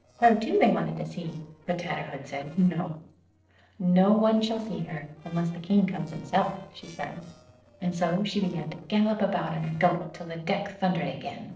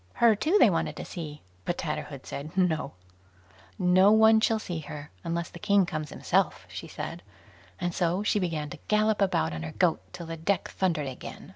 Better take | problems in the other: second | noise reduction (neural separator model SepFormer DNS4)

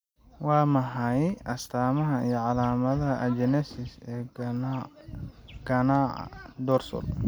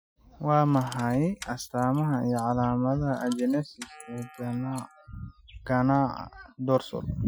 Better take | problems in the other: first | noise reduction (classical method Wiener filter)

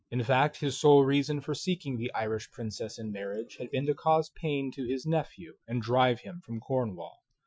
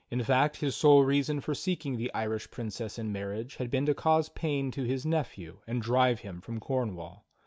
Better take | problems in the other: second | noise reduction (classical method Wiener filter)

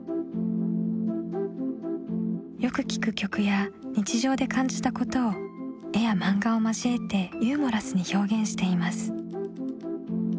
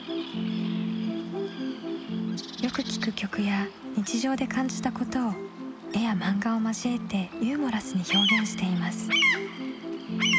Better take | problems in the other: first | background sound (Bird vocalization, bird call, bird song); 5 dB below the speech

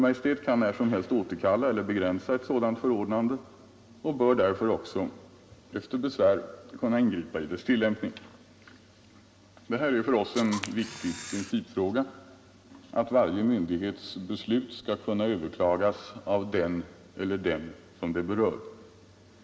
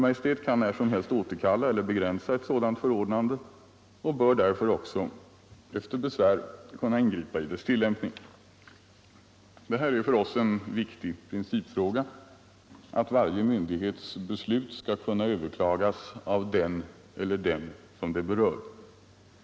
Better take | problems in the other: second | background sound (Camera); 12 dB below the speech // room echo; dies away in 2.2 s

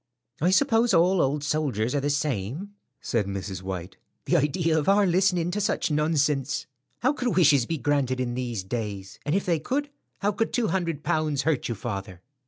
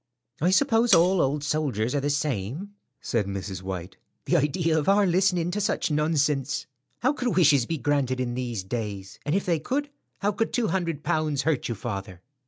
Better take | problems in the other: first | background sound (Cutlery, silverware); 6 dB below the speech

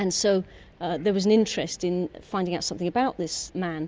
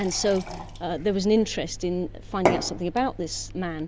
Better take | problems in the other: first | background sound (Fill (with liquid) / Glass / Water); 6 dB below the speech

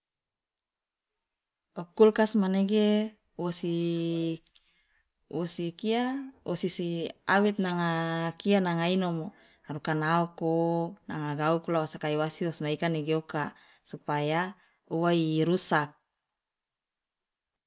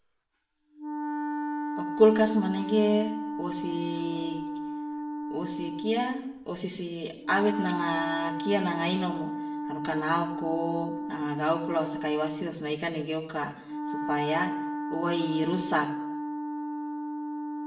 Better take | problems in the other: first | background sound (Wind instrument, woodwind instrument); 4 dB below the speech // room echo; dies away in 0.7 s

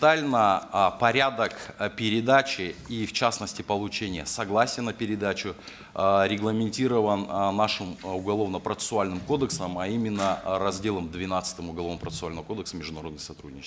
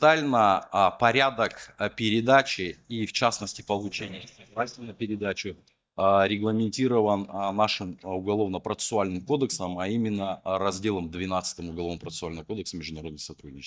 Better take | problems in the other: first | noise reduction (neural mask model DeepFilterNet 3)

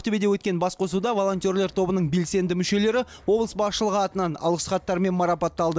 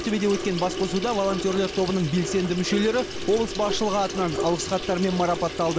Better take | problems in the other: first | background sound (Sink (filling or washing) / Water tap, faucet); 7 dB below the speech

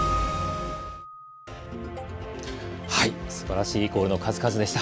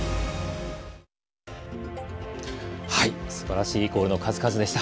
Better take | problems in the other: second | background sound (Keyboard (musical)); 9 dB below the speech

